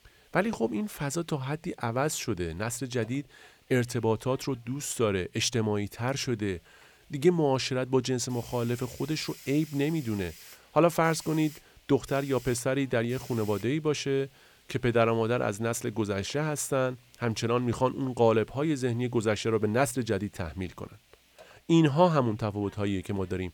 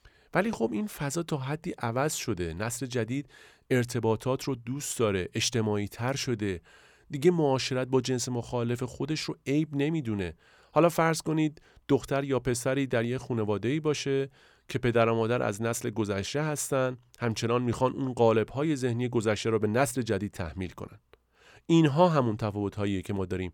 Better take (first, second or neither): second